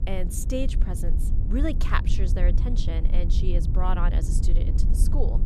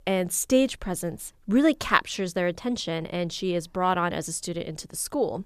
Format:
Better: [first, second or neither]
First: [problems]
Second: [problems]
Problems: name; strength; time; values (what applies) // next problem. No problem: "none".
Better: second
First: low rumble; loud; throughout; 8 dB below the speech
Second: none